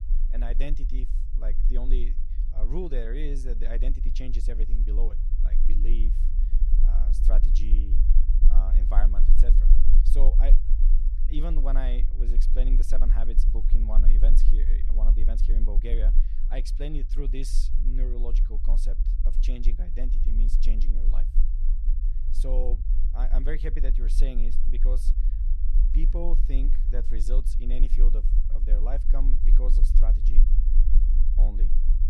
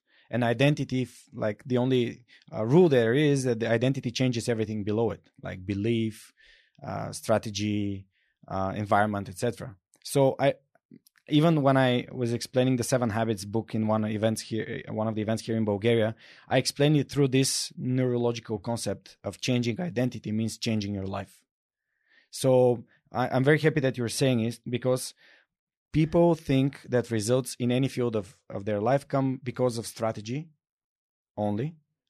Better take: second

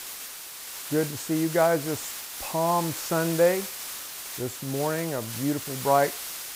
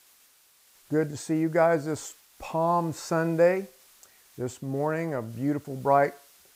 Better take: second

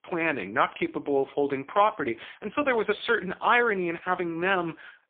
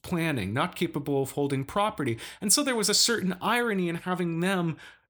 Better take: second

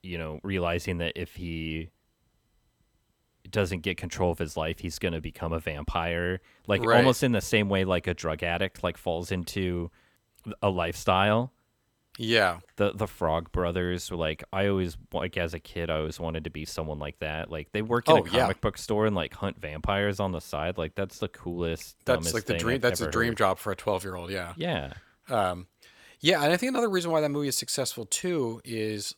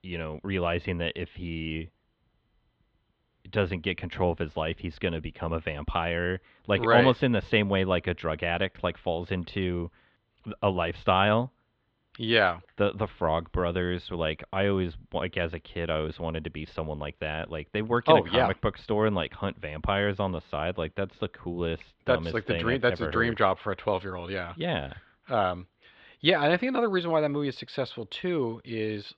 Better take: first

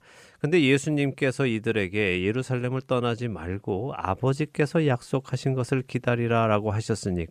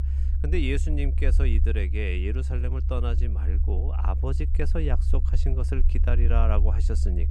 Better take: first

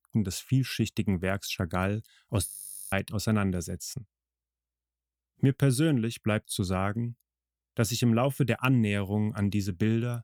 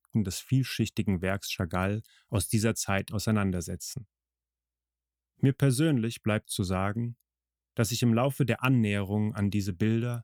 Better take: second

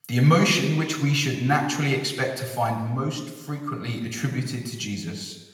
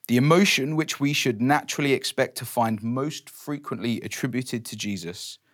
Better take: second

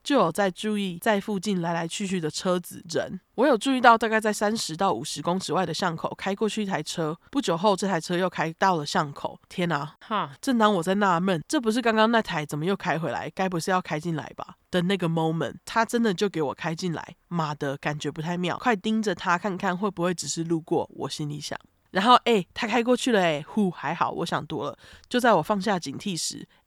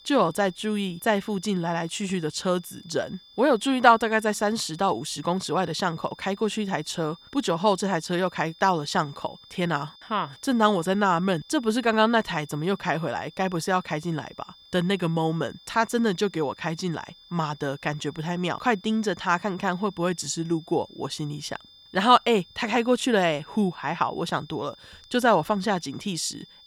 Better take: first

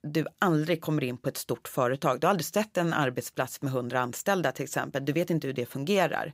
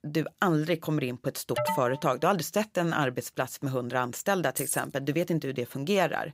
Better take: first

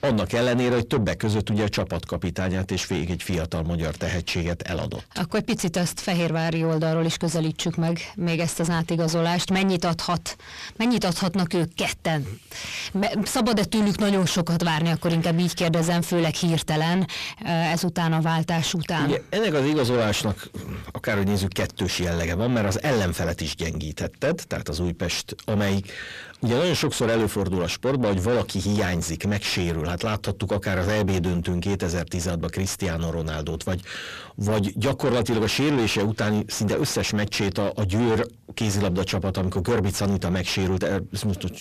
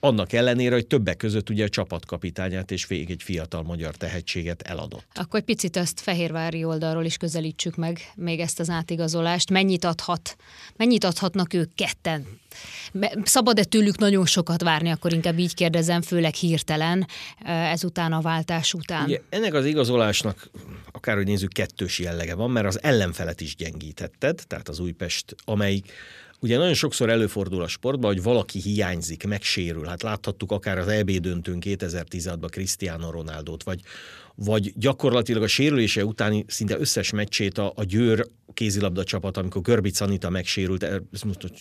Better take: second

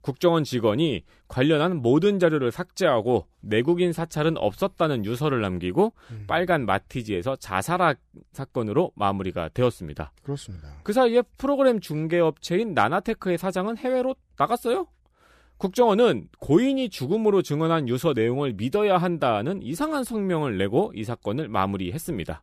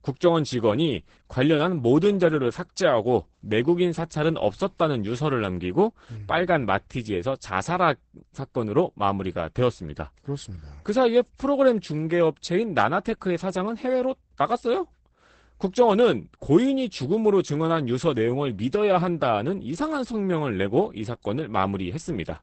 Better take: first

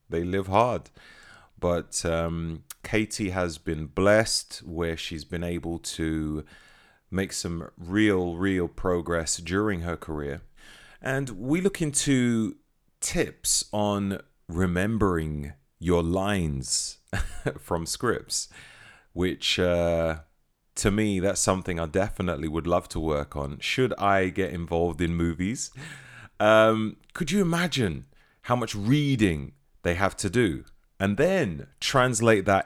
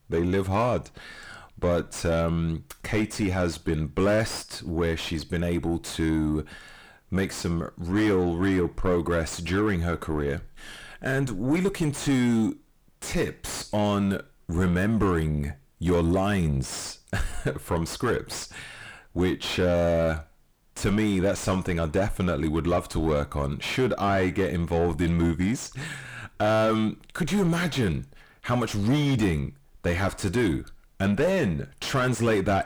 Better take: first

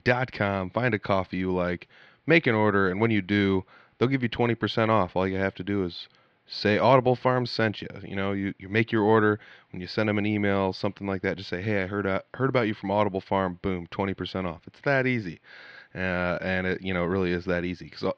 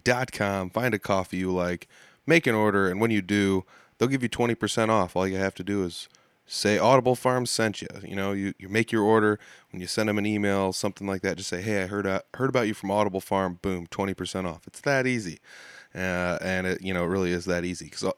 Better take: second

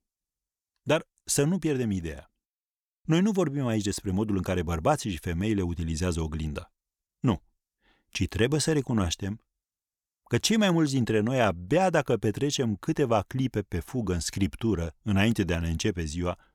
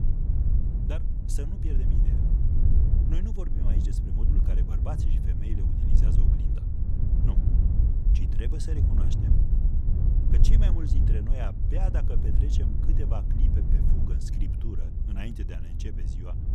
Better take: first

